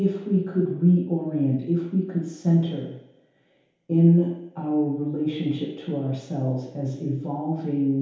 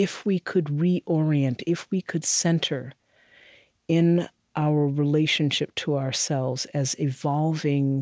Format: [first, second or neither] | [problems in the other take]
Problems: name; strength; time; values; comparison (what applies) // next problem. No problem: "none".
second | room echo; dies away in 0.8 s